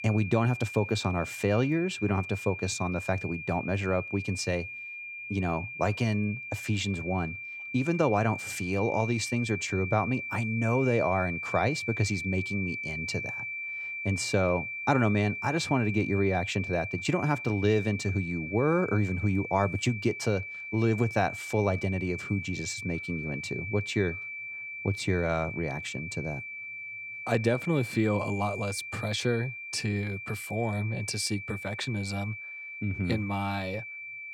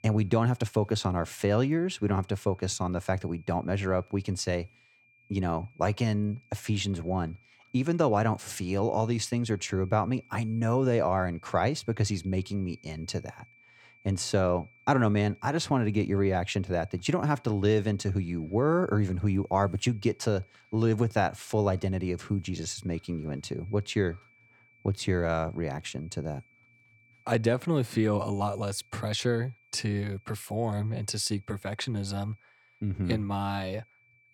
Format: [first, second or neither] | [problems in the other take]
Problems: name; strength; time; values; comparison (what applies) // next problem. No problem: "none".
second | high-pitched whine; loud; throughout; 2.5 kHz, 7 dB below the speech; faint in the second